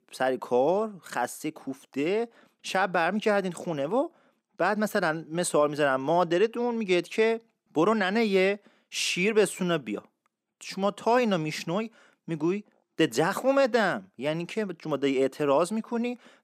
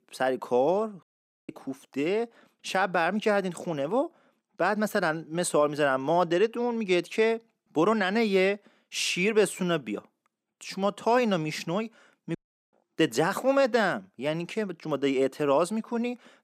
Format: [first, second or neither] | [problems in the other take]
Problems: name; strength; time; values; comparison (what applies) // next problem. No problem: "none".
first | audio cutting out; at 1 s and at 12 s